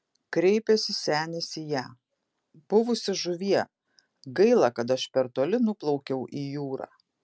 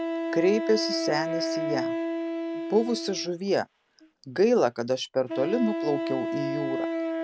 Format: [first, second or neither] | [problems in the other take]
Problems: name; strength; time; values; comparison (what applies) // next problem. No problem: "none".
first | background sound (Wind instrument, woodwind instrument); 3 dB below the speech